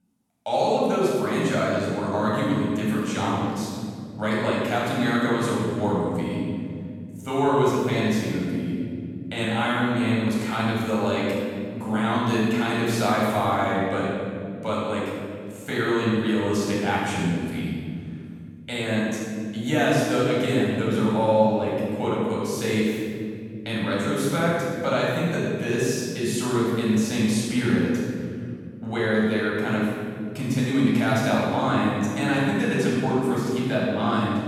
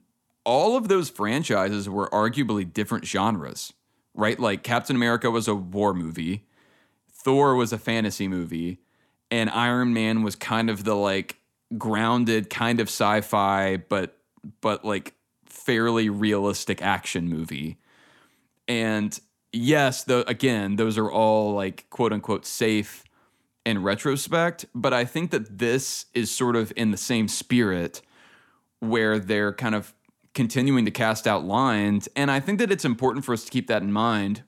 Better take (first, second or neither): second